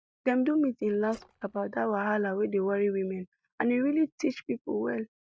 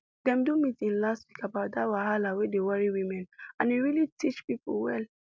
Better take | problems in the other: second | noise reduction (neural mask model DeepFilterNet 3)

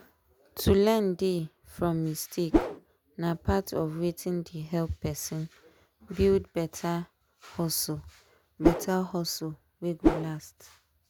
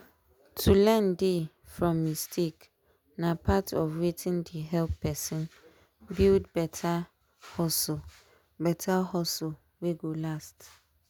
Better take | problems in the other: second | background sound (Whoosh, swoosh, swish); 4 dB above the speech

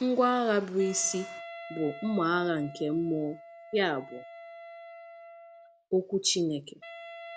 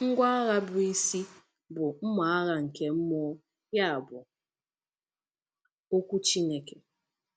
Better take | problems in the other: second | background sound (Wind instrument, woodwind instrument); 16 dB below the speech

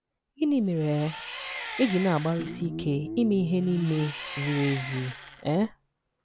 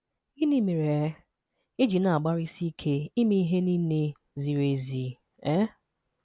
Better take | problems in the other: second | background sound (Engine + Guitar); 10 dB below the speech

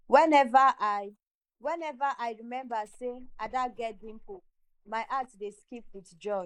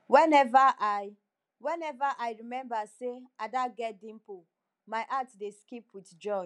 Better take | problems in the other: second | noise reduction (neural mask model Resemble Enhance denoiser)

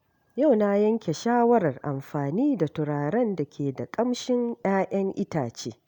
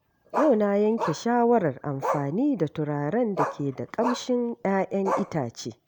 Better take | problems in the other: first | background sound (Bark); 8 dB below the speech

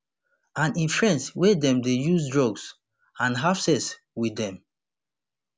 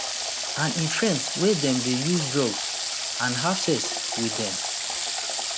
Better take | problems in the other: first | background sound (Water tap, faucet / Water); 1 dB below the speech

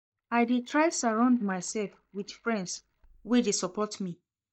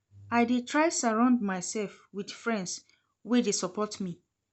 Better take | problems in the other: second | noise reduction (neural mask model DeepFilterNet 3)

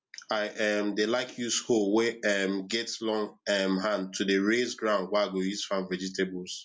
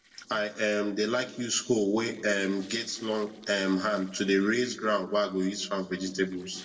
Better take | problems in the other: first | noise reduction (neural separator model SepFormer DNS4)

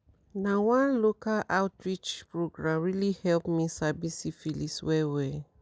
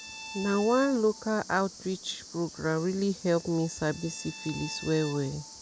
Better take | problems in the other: first | background sound (Cricket + Bowed string instrument); 15 dB below the speech

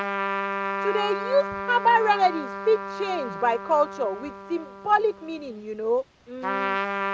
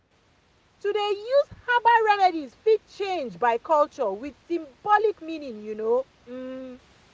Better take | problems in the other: second | background sound (Trumpet); 6 dB below the speech

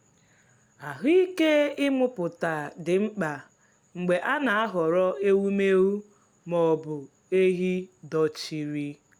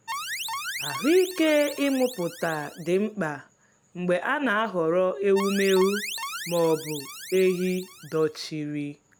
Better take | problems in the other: first | background sound (Alarm); 10 dB below the speech

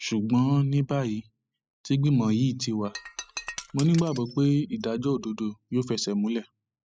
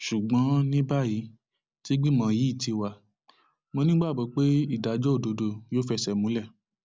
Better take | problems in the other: second | noise reduction (classical method spectral subtraction)

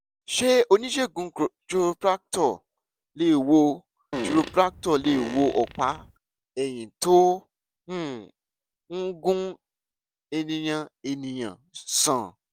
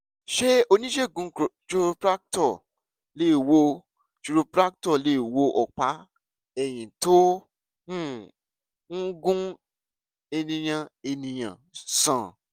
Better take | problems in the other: second | background sound (Fart); 10 dB below the speech

